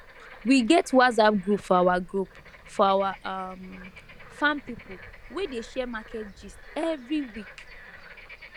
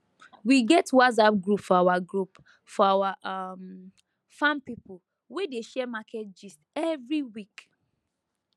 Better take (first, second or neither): second